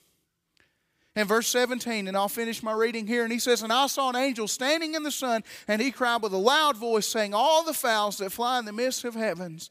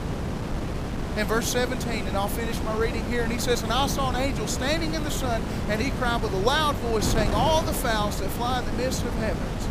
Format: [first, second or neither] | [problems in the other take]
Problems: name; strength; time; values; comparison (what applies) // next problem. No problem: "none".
first | wind noise on the microphone; heavy; 7 dB below the speech